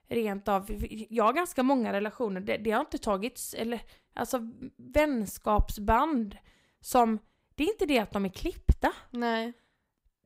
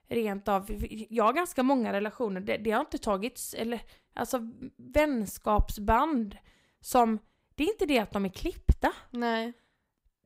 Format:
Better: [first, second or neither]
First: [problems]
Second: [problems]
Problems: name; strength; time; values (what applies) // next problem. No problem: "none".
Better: neither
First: none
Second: none